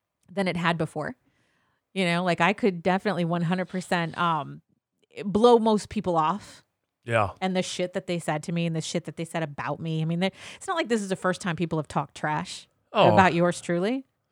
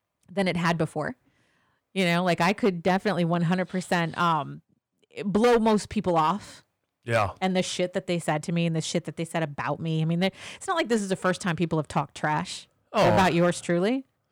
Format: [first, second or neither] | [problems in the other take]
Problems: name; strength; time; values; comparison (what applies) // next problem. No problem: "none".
first | distortion; slight; 3% of the sound clipped